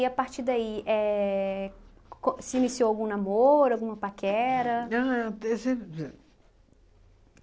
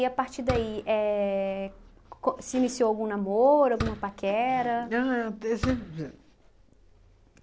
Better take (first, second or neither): first